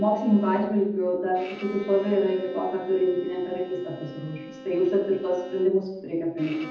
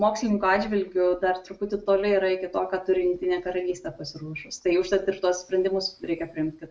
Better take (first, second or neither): second